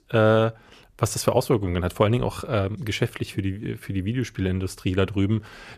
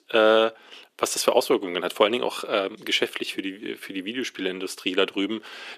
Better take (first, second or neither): first